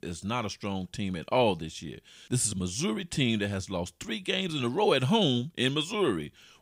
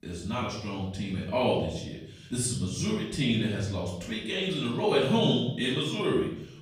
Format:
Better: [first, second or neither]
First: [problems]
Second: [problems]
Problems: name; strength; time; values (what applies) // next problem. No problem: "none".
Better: first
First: none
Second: room echo; noticeable; dies away in 0.7 s // off-mic speech; far